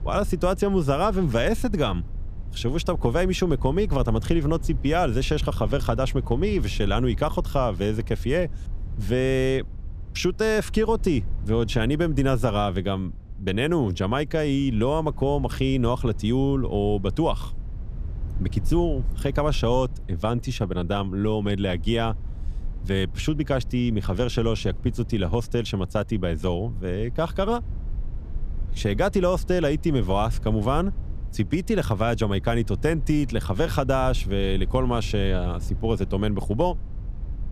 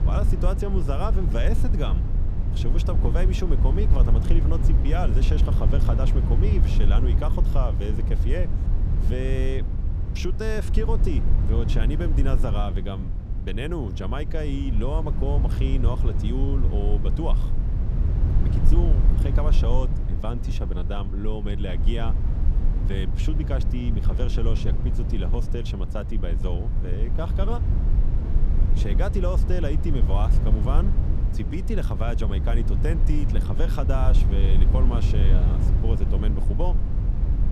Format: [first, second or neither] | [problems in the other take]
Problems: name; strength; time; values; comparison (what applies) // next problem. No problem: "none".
first | low rumble; loud; throughout; 6 dB below the speech; faint in the first